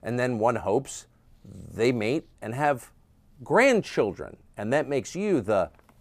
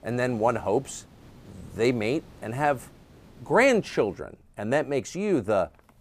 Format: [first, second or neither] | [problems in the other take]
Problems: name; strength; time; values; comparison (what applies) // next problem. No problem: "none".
first | hiss; faint; until 4 s; 25 dB below the speech